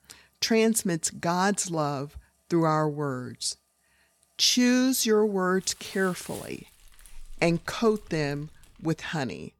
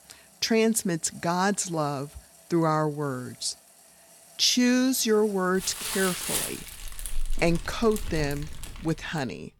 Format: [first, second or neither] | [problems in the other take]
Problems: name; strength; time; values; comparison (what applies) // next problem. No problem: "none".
first | household noises; loud; throughout; 8 dB below the speech; faint in the first